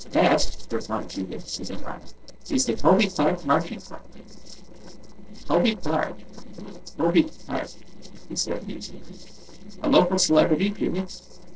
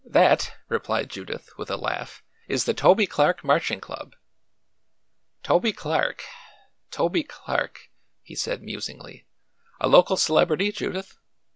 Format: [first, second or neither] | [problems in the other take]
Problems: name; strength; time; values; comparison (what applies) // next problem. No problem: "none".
second | noise reduction (neural separator model SepFormer DNS4)